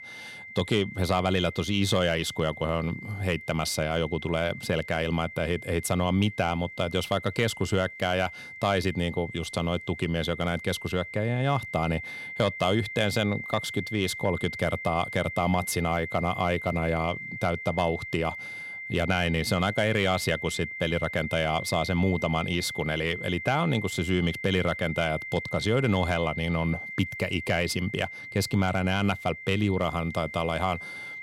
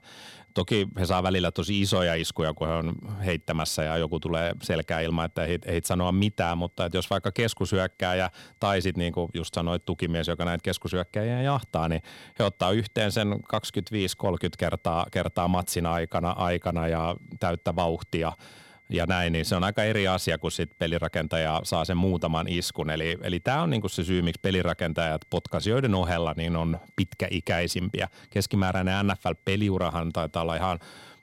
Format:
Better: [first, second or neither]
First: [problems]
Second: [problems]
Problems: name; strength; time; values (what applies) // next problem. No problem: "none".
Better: second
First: high-pitched whine; loud; throughout; 2 kHz, 9 dB below the speech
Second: high-pitched whine; faint; throughout; 2 kHz, 30 dB below the speech